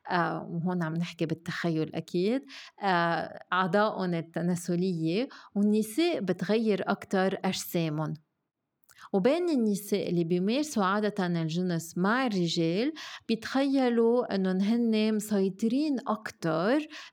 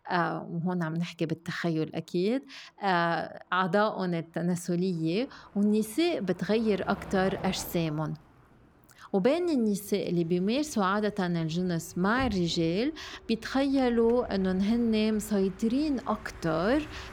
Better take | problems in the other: first | traffic noise; noticeable; throughout; 20 dB below the speech

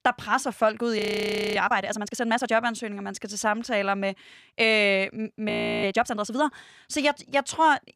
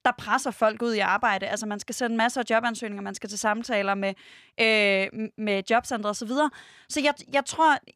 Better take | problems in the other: second | audio freezing; at 1 s for 0.5 s and at 5.5 s

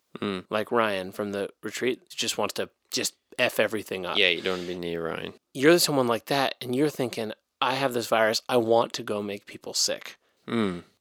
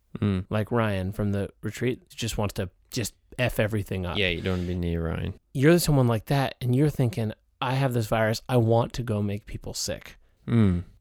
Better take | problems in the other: second | thin; somewhat; fading below 350 Hz

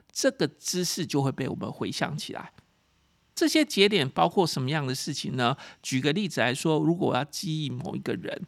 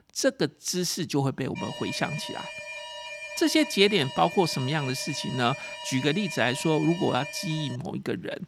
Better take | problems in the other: first | alarm; noticeable; from 1.5 to 8 s; peak 9 dB below the speech

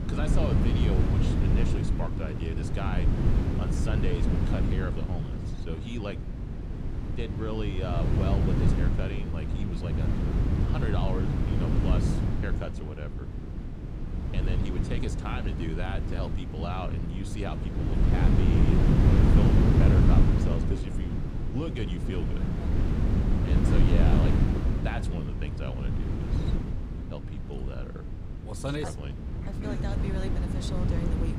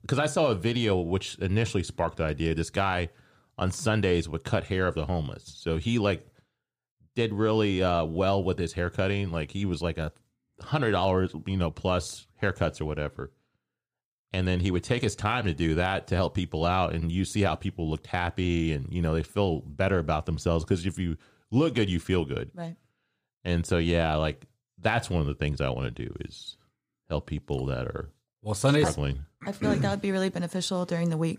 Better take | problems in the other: second | wind noise on the microphone; heavy; 2 dB above the speech

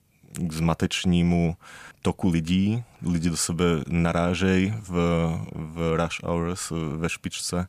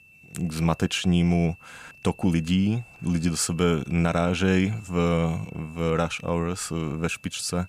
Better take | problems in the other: first | high-pitched whine; faint; throughout; 2.5 kHz, 25 dB below the speech

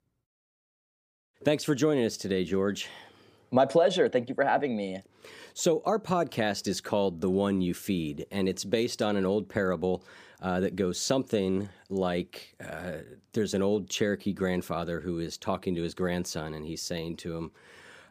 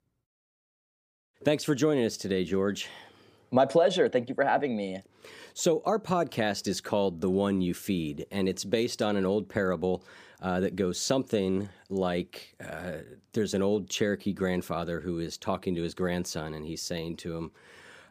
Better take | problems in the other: neither | none

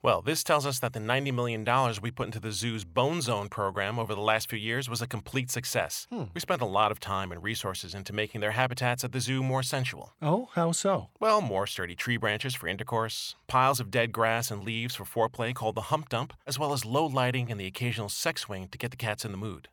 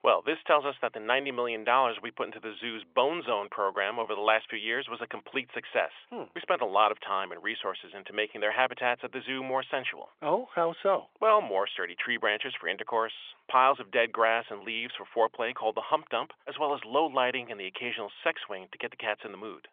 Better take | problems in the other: first | phone-call audio; nothing above 3.5 kHz

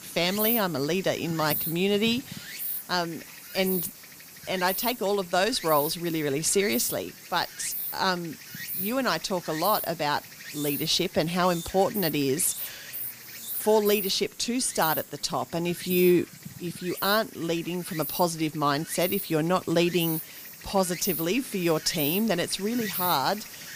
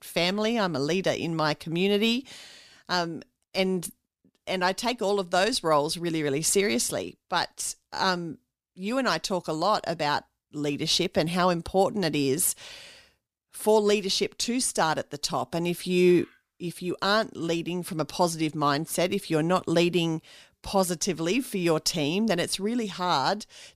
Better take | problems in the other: second | animal sounds; loud; throughout; 7 dB below the speech

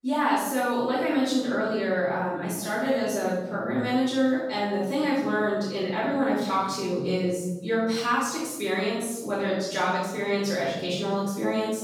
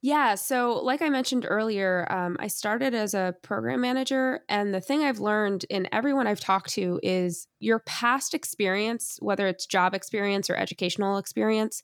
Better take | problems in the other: second | room echo; strong; dies away in 1 s // off-mic speech; far

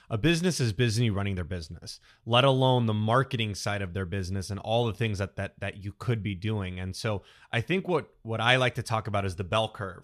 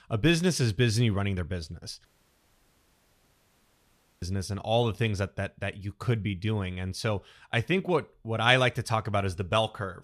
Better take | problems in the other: first | audio cutting out; at 2 s for 2 s

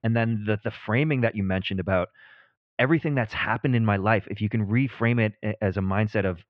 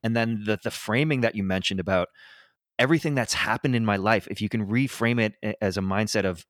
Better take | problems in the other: second | muffled; very; fading above 3 kHz

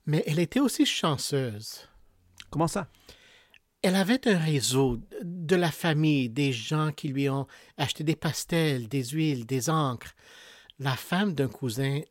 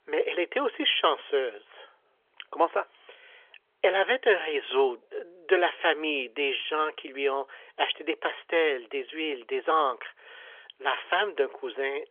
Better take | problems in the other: first | phone-call audio; nothing above 3.5 kHz

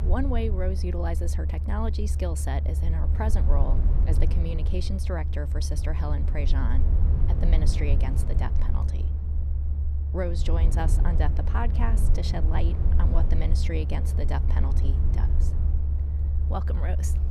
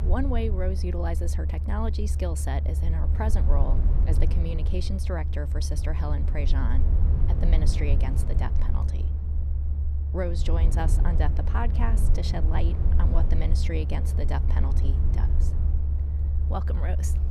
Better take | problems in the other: neither | low rumble; loud; throughout; 6 dB below the speech; the same in both

